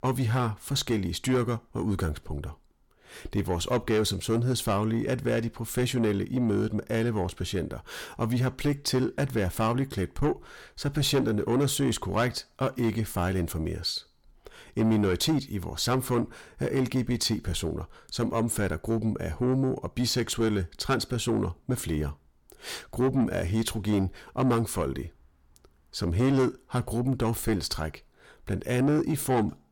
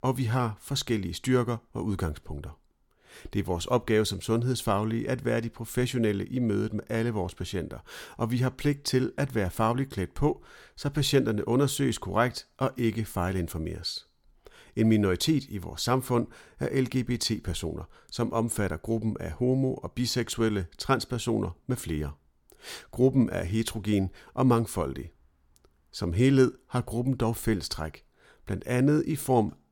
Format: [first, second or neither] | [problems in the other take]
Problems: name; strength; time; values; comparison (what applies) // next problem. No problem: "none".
second | distortion; slight; 10 dB below the speech